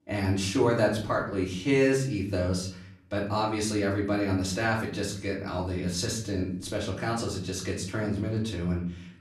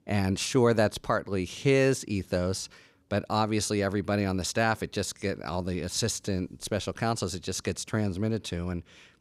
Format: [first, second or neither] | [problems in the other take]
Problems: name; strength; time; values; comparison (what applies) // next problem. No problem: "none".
second | off-mic speech; far // room echo; slight; dies away in 0.5 s